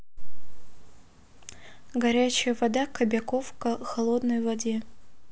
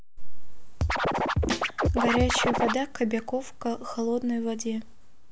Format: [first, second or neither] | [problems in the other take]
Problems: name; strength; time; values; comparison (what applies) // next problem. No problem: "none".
first | background sound (Scratching (performance technique)); 2 dB above the speech